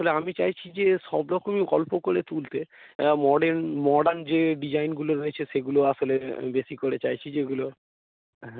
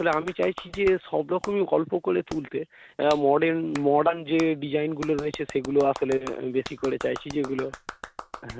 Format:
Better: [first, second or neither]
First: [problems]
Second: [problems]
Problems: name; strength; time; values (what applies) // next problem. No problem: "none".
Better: first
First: none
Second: background sound (Clapping); 16 dB below the speech